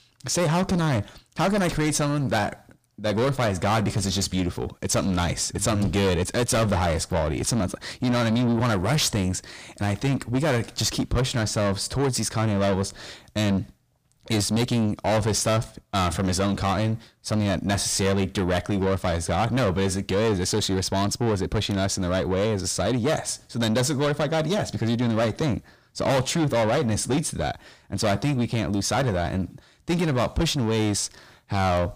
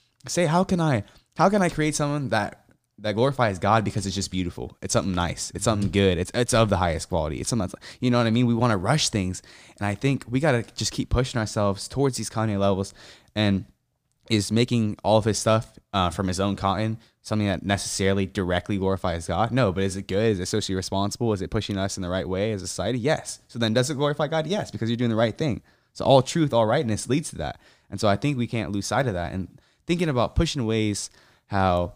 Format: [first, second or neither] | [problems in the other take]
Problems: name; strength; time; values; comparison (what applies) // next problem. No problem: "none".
second | distortion; heavy; 7 dB below the speech